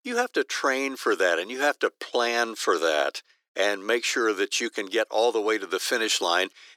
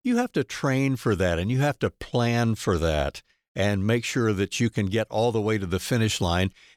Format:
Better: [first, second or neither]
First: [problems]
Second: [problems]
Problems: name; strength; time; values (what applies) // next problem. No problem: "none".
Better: second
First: thin; very; fading below 300 Hz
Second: none